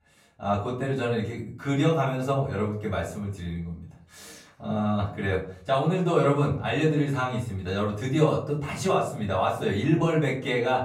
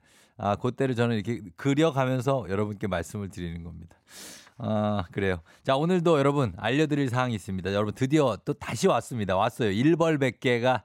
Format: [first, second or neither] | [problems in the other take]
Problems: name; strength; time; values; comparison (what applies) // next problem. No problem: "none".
second | off-mic speech; far // room echo; slight; dies away in 0.4 s